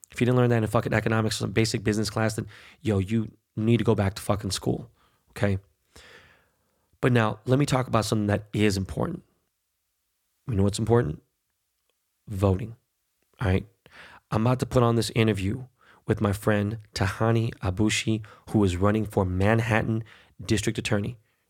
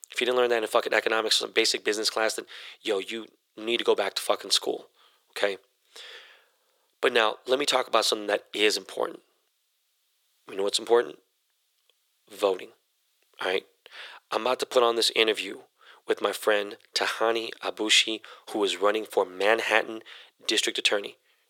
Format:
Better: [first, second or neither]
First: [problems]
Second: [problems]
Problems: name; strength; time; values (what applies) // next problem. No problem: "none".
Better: first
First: none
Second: thin; very; fading below 400 Hz